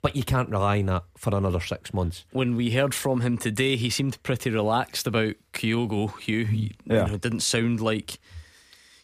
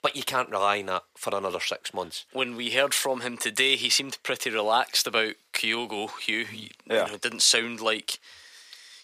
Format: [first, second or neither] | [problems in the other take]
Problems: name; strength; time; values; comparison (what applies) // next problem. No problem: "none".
first | thin; very; fading below 500 Hz